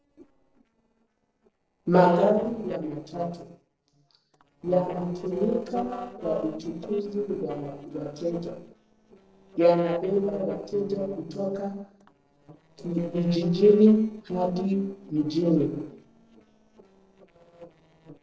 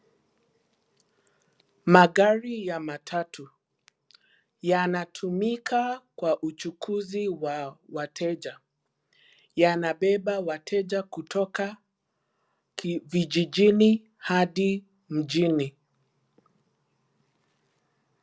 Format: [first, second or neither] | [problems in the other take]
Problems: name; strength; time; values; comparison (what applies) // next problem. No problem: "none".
second | noise reduction (neural separator model SepFormer DNS4)